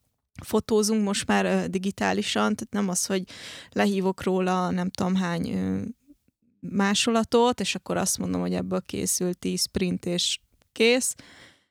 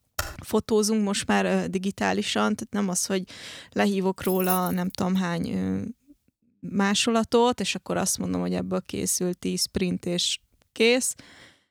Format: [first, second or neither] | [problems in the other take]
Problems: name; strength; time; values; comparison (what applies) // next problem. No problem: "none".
first | keyboard typing; noticeable; at the start; peak 8 dB below the speech // jangling keys; noticeable; at 4.5 s; peak 3 dB below the speech